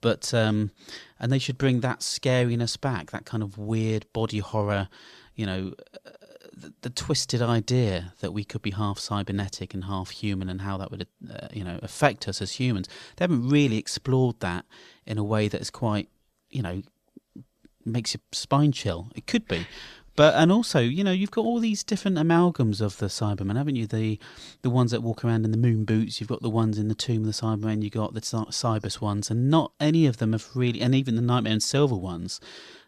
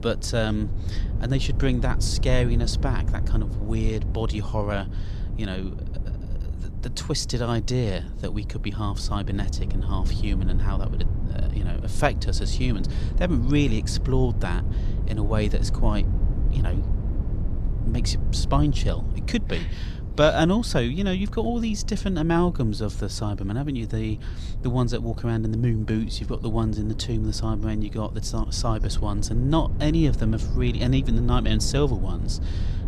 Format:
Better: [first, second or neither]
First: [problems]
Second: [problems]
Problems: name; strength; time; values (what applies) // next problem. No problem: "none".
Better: first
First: none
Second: low rumble; noticeable; throughout; 15 dB below the speech